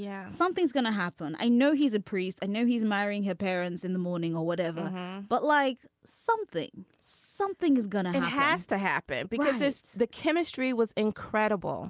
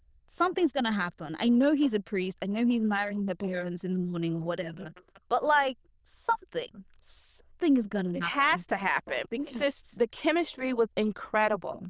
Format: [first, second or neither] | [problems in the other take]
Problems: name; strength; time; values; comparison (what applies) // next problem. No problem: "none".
first | noise reduction (neural diffusion model UNIVERSE++)